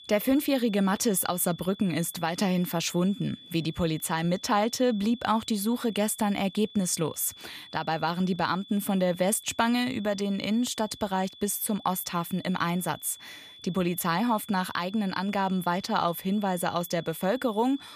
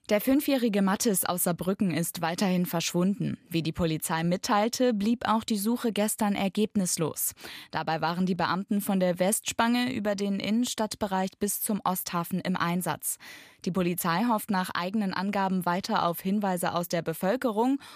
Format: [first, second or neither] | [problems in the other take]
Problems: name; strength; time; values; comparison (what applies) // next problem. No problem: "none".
second | high-pitched whine; noticeable; throughout; 3.5 kHz, 20 dB below the speech